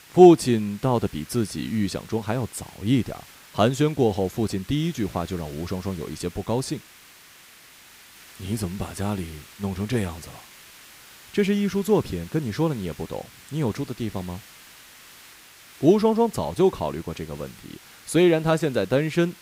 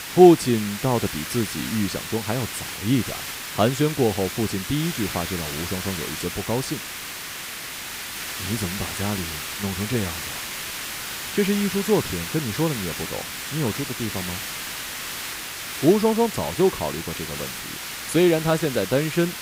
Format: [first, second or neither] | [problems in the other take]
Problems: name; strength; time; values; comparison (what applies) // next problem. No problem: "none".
first | hiss; loud; throughout; 6 dB below the speech; faint in the first